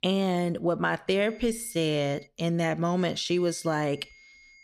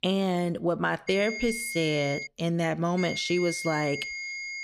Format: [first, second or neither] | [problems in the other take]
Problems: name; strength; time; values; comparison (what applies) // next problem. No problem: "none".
first | high-pitched whine; loud; from 1 to 2.5 s and from 3 s on; 2 kHz, 6 dB below the speech; faint in the first